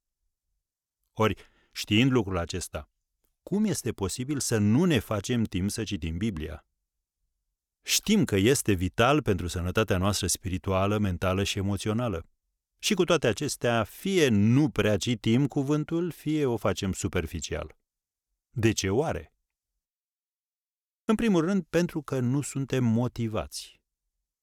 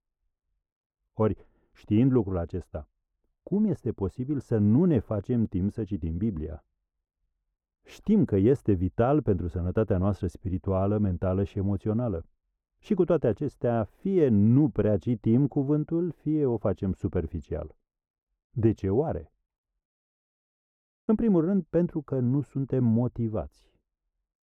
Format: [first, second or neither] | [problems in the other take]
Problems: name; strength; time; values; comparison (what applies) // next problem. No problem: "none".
first | muffled; very; fading above 2 kHz